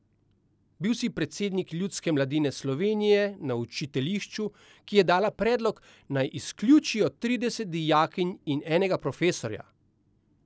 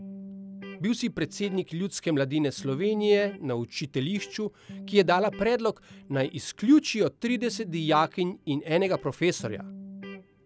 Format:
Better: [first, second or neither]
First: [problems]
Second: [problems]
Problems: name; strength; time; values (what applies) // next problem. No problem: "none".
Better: first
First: none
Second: background sound (Electric guitar); 17 dB below the speech